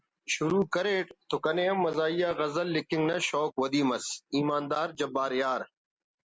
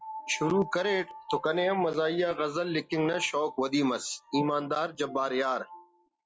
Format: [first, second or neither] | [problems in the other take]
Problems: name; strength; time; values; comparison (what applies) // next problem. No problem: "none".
first | noise reduction (classical method log-MMSE)